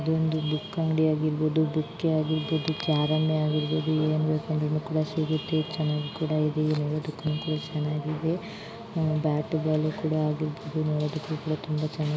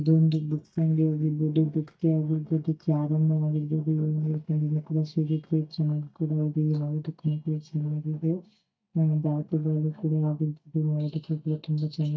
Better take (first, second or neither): first